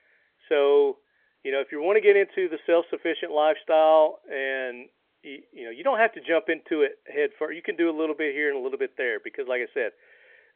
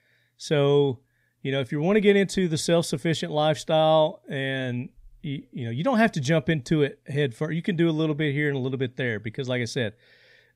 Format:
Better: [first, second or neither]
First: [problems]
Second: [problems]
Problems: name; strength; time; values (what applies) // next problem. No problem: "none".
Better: second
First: phone-call audio; nothing above 3.5 kHz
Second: none